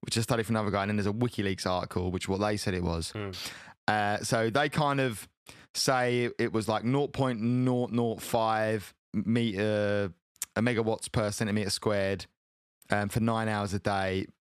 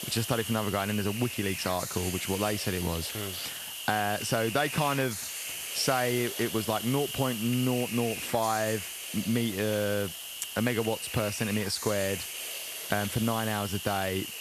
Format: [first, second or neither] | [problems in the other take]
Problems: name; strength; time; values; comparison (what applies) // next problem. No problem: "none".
first | hiss; loud; throughout; 5 dB below the speech